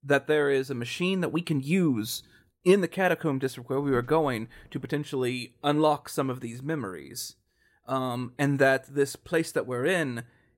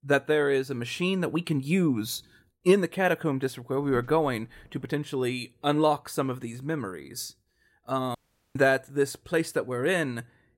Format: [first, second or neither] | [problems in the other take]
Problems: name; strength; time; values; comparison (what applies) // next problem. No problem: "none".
first | audio cutting out; at 8 s